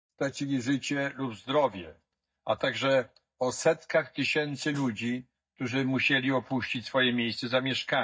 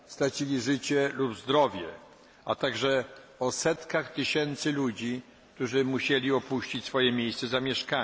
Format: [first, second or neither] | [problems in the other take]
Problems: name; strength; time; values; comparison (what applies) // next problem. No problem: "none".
second | noise reduction (neural mask model DeepFilterNet 3)